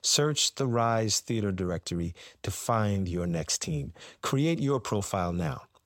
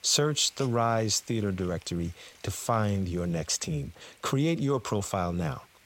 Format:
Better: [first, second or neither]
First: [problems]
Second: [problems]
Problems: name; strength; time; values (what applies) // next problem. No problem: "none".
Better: first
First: none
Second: hiss; faint; throughout; 25 dB below the speech